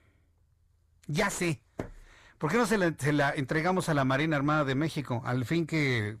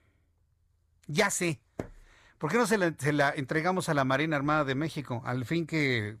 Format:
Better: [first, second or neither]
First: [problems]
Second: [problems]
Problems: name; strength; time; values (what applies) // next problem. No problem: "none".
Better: second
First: distortion; slight; 10 dB below the speech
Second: none